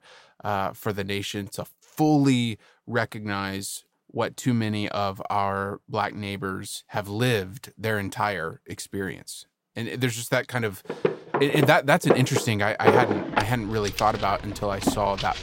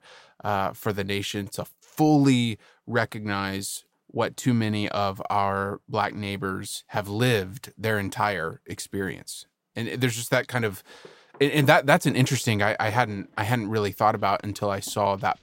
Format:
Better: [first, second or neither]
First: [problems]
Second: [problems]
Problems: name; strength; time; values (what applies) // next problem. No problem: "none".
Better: second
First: household noises; loud; from 11 s on; 1 dB below the speech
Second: household noises; faint; from 11 s on; 25 dB below the speech